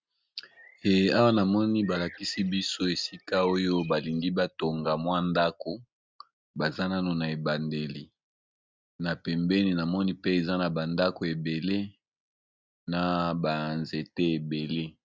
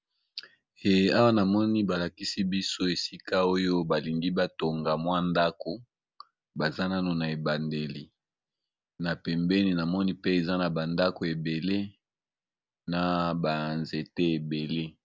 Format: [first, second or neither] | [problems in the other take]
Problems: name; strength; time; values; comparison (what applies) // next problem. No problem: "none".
second | noise reduction (neural mask model RNNoise)